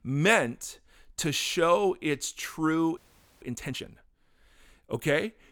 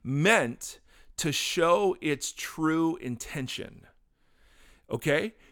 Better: second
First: audio freezing; at 3 s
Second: none

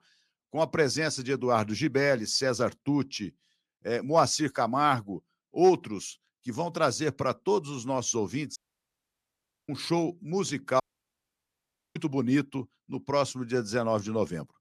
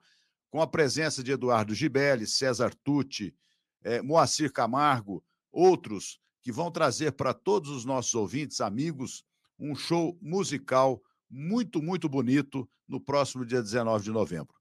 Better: second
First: audio cutting out; at 8.5 s for 1 s and at 11 s for 1 s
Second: none

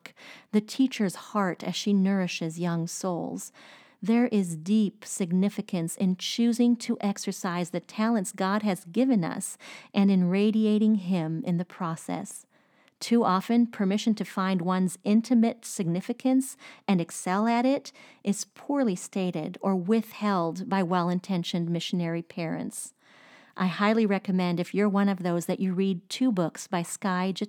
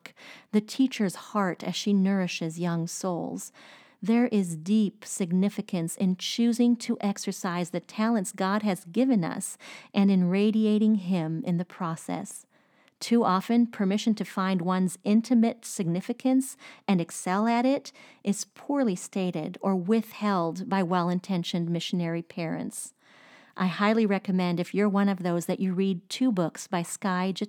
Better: neither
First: none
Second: none

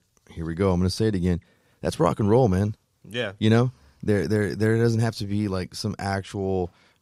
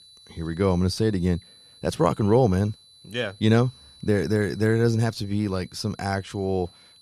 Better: first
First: none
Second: high-pitched whine; faint; throughout; 4 kHz, 25 dB below the speech

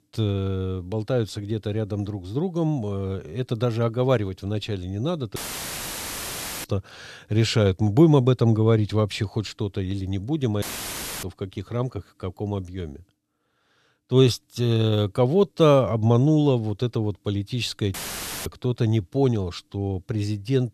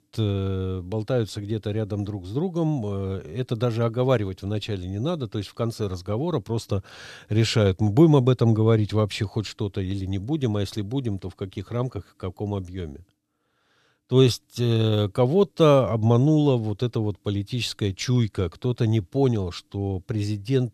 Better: second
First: audio cutting out; filled with static; at 5.5 s for 1.5 s, at 11 s for 0.5 s and at 18 s for 0.5 s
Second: none

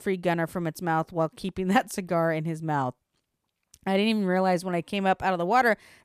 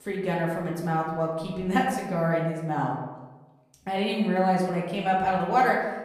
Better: first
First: none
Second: room echo; noticeable; dies away in 1 s // off-mic speech; far

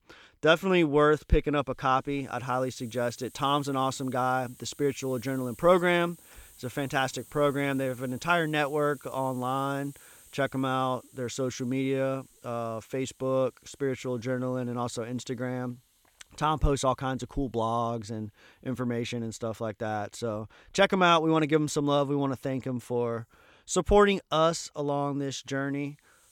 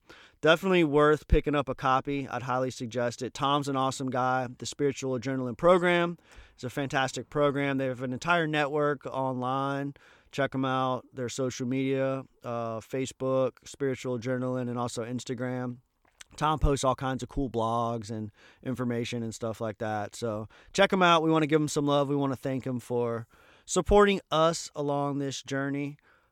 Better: second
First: hiss; faint; throughout; 25 dB below the speech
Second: none

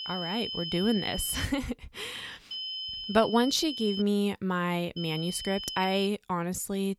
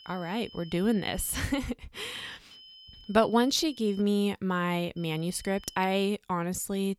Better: second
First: high-pitched whine; loud; until 1.5 s, from 2.5 to 4 s and from 5 to 6 s; 3 kHz, 6 dB below the speech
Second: high-pitched whine; faint; until 1.5 s, from 2.5 to 4 s and from 5 to 6 s; 3 kHz, 20 dB below the speech

